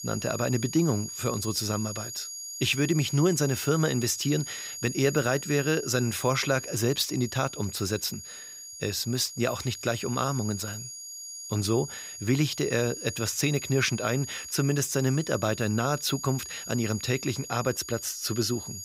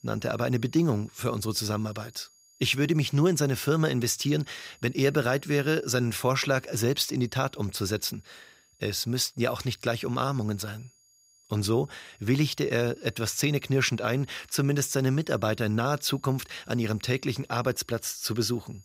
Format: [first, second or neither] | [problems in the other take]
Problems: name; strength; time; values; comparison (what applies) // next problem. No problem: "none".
second | high-pitched whine; loud; throughout; 6.5 kHz, 9 dB below the speech; faint in the second